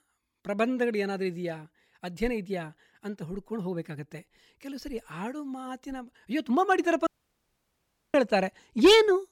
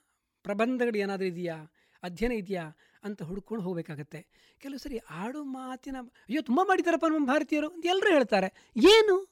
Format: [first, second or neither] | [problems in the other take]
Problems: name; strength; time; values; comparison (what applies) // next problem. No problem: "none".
second | audio cutting out; at 7 s for 1 s